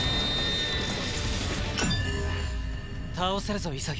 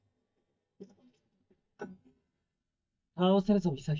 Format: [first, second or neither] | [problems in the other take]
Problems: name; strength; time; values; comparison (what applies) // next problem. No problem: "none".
first | noise reduction (neural mask model DeepFilterNet 3)